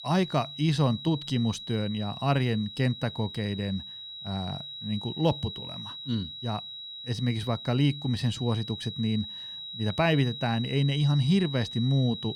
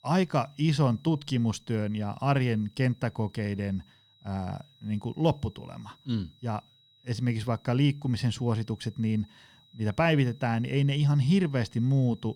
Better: second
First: high-pitched whine; loud; throughout; 4 kHz, 9 dB below the speech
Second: high-pitched whine; faint; throughout; 4 kHz, 30 dB below the speech

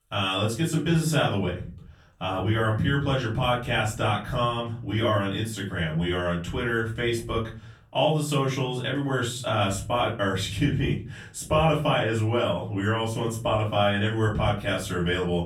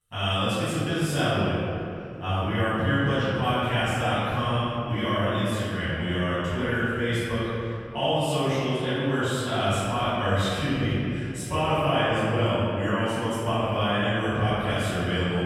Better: first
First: room echo; slight; dies away in 0.4 s // off-mic speech; far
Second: room echo; strong; dies away in 2.6 s // off-mic speech; far

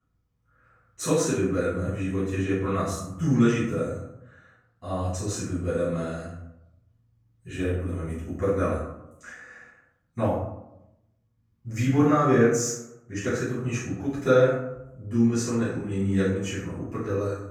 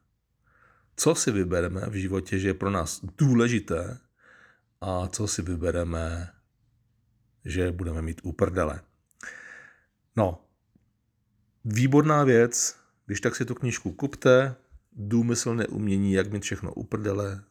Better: second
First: room echo; noticeable; dies away in 0.7 s // off-mic speech; far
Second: none

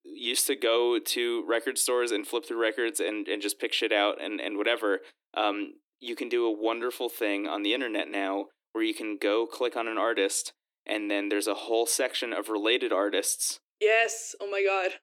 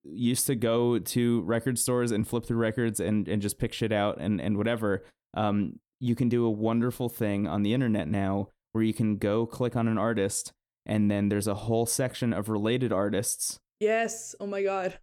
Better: second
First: thin; very; fading below 300 Hz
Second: none

